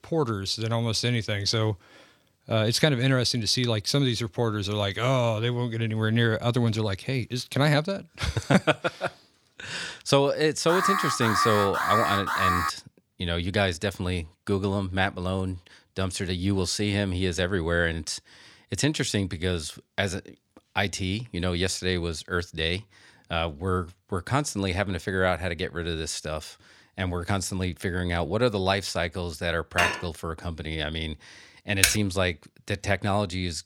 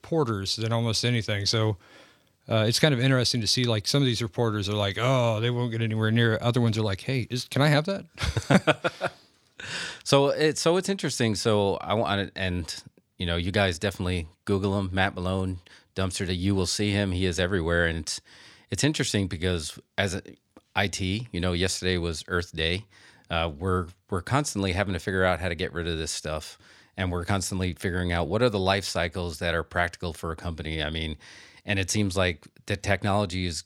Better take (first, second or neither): second